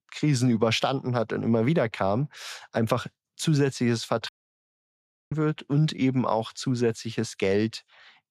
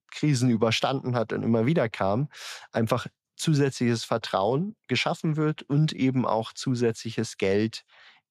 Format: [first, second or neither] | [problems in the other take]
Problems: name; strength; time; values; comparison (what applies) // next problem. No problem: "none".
second | audio cutting out; at 4.5 s for 1 s